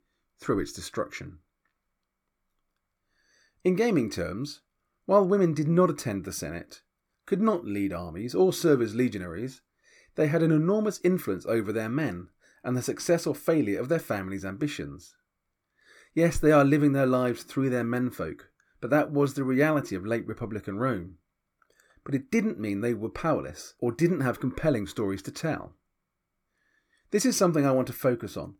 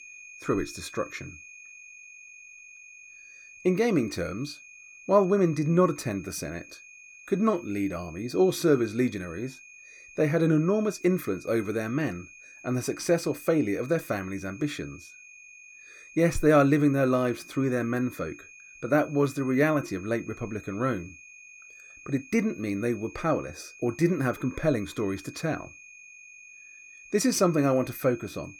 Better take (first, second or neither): first